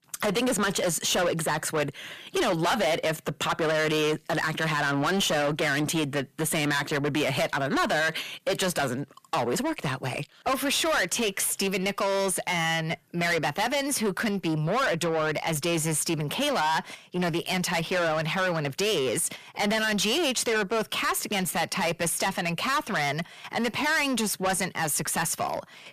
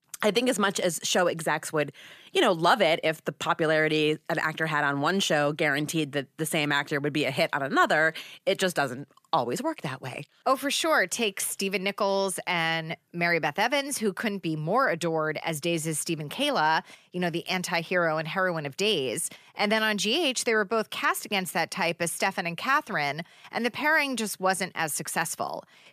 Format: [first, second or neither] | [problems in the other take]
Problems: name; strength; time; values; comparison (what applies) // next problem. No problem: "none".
second | distortion; heavy; 6 dB below the speech